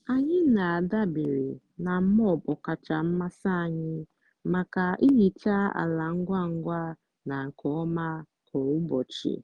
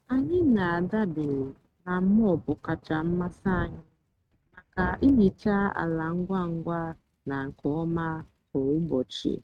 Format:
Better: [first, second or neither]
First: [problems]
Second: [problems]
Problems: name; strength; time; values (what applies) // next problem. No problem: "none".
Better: first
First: none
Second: noise reduction (neural mask model RNNoise)